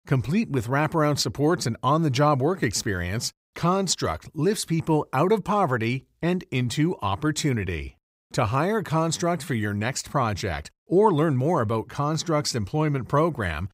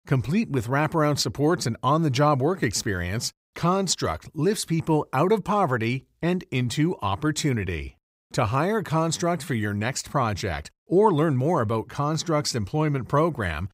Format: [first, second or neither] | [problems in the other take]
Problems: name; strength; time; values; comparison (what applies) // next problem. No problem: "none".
neither | none